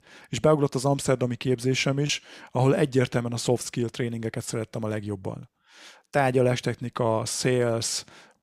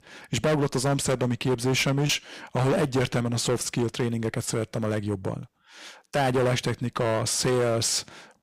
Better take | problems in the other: first | distortion; heavy; 13% of the sound clipped

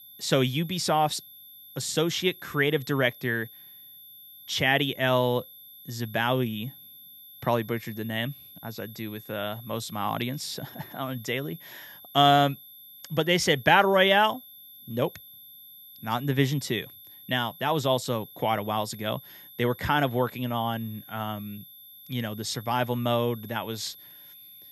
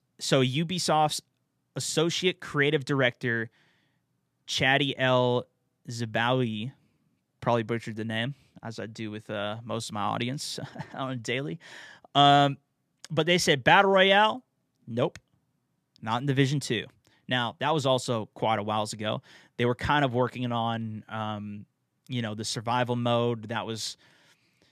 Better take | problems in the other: second | high-pitched whine; noticeable; throughout; 12 kHz, 20 dB below the speech

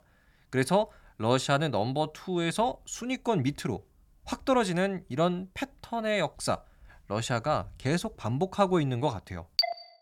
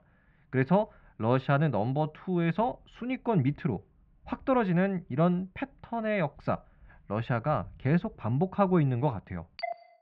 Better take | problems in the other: first | muffled; very; fading above 2.5 kHz

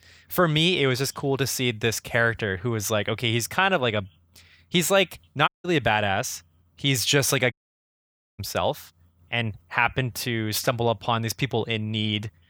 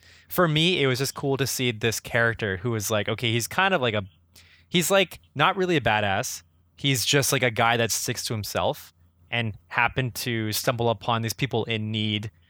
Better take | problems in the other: second | audio cutting out; at 5.5 s and at 7.5 s for 1 s

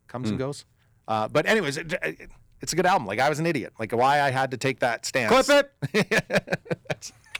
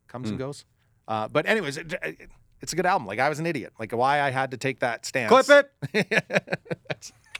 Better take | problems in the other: second | distortion; heavy; 4% of the sound clipped

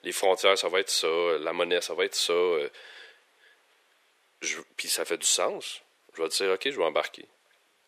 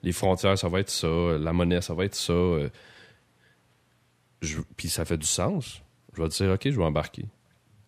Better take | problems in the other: second | thin; very; fading below 400 Hz

